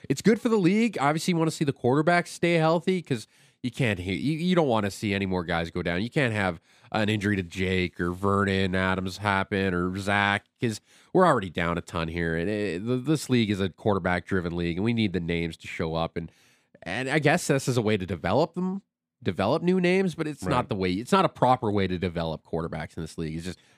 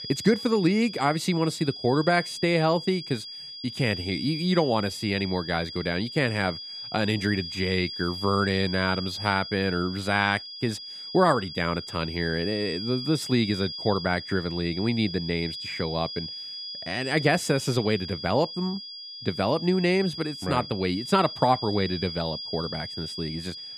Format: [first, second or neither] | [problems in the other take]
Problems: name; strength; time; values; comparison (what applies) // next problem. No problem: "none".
first | high-pitched whine; loud; throughout; 5 kHz, 8 dB below the speech